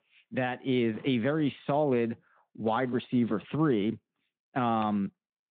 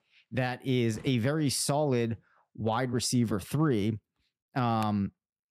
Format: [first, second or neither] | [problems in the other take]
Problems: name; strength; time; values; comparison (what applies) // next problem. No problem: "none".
second | phone-call audio; nothing above 3.5 kHz